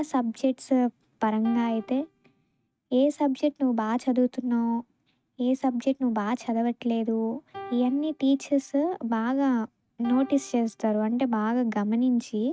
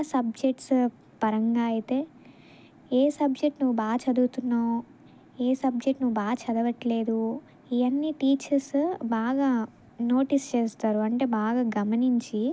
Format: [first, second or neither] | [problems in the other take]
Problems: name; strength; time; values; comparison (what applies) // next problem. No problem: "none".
second | noise reduction (neural mask model RNNoise)